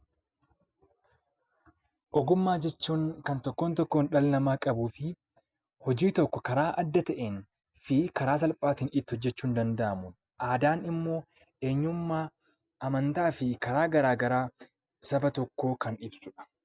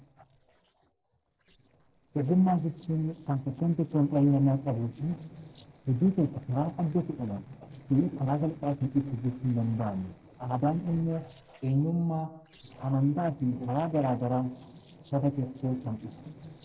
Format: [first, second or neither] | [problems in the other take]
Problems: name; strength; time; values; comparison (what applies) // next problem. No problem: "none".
first | noise reduction (neural separator model SepFormer DNS4)